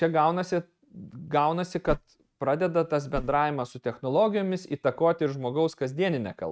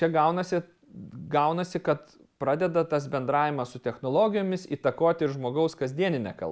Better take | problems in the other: second | noise reduction (neural mask model RNNoise)

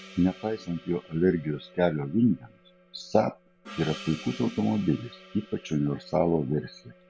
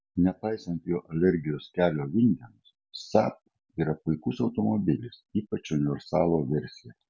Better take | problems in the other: second | background sound (Gong); 20 dB below the speech

